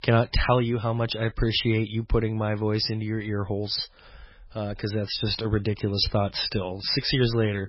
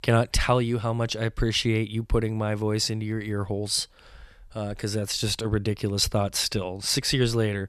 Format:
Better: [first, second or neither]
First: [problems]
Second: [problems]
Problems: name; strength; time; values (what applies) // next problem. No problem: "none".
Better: second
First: garbled, watery; badly; nothing above 5.5 kHz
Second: none